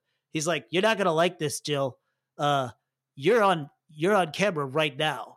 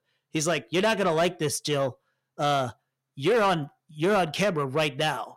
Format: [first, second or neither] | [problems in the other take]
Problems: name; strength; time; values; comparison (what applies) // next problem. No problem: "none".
first | distortion; slight; 10 dB below the speech